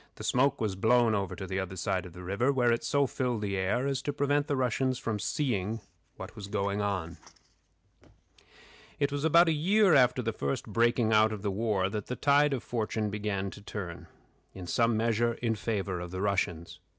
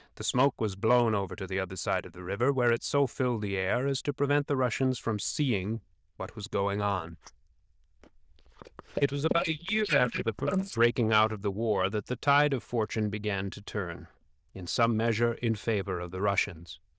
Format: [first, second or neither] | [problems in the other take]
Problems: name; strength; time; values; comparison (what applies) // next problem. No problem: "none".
first | noise reduction (neural diffusion model UNIVERSE++)